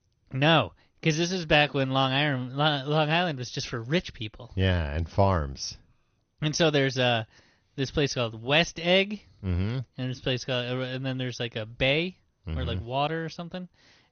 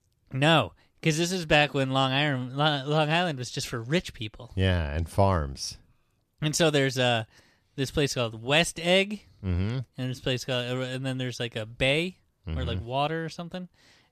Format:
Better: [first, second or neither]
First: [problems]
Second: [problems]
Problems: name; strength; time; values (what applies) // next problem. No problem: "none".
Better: second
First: garbled, watery; slightly; nothing above 6.5 kHz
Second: none